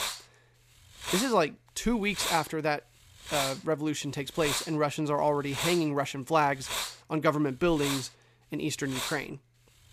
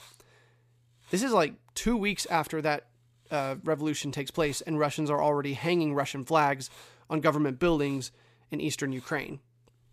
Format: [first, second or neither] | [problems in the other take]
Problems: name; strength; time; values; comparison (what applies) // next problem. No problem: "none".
second | hiss; loud; throughout; 5 dB below the speech; faint in the second